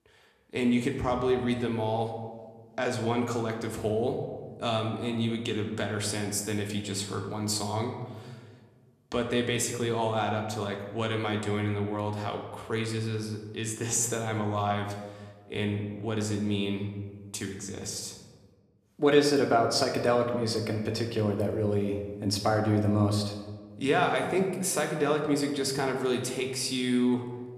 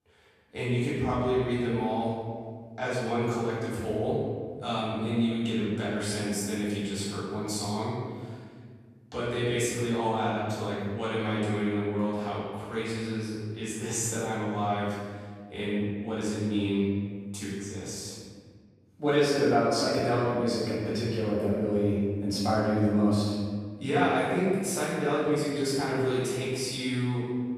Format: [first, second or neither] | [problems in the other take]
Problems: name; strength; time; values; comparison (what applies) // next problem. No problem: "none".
first | room echo; strong; dies away in 1.8 s; slight in the first // off-mic speech; far